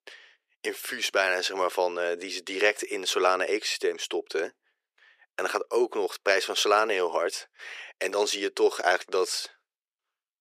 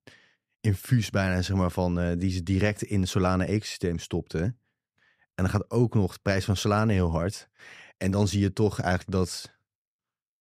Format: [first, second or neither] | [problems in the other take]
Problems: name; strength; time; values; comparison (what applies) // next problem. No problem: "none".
second | thin; very; fading below 400 Hz